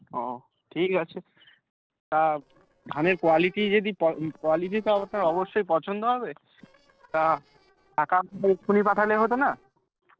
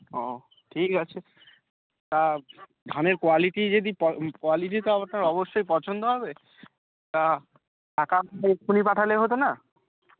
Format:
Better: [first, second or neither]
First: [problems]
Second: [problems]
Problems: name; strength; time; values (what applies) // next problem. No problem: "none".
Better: second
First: noise reduction (neural separator model SepFormer DNS4)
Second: none